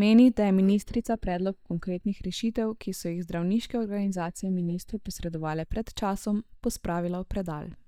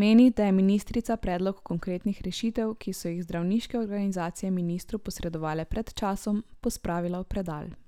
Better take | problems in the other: second | noise reduction (neural mask model DeepFilterNet 3)

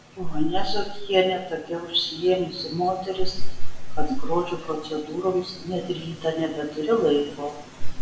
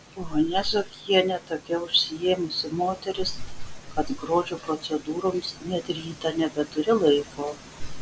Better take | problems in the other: second | room echo; dies away in 0.8 s

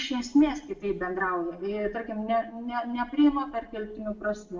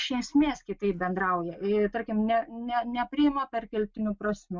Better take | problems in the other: second | noise reduction (neural separator model SepFormer DNS4)

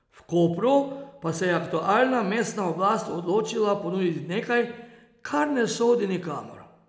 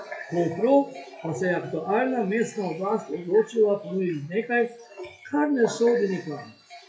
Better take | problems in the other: first | noise reduction (classical method WPE with log-MMSE)

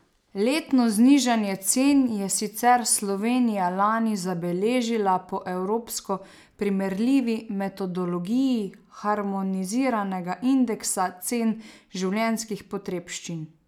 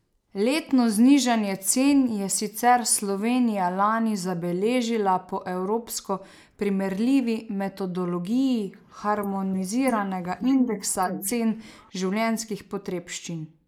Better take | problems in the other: first | noise reduction (neural mask model Resemble Enhance denoiser)

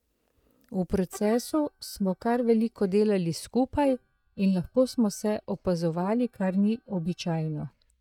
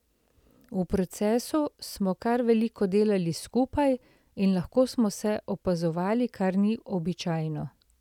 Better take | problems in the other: second | noise reduction (neural mask model DeepFilterNet 3)

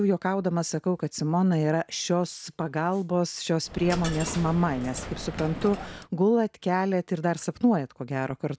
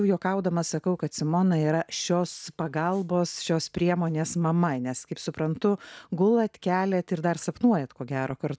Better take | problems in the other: second | background sound (Coin (dropping)); 10 dB below the speech

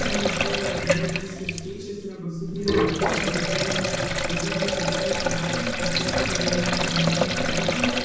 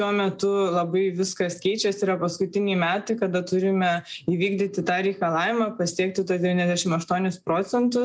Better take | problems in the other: second | background sound (Sink (filling or washing)); 5 dB above the speech // room echo; dies away in 1.1 s

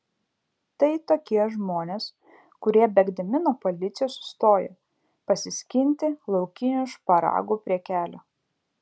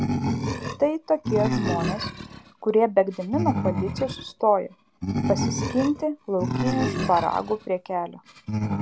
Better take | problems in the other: first | background sound (Animal); 3 dB below the speech

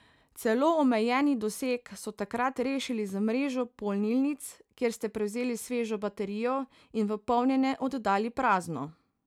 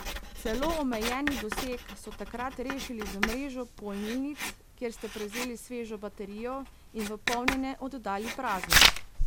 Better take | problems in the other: first | background sound (Writing); 3 dB above the speech

